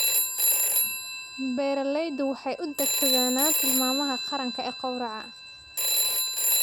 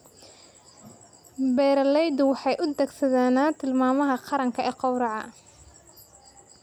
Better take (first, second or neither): second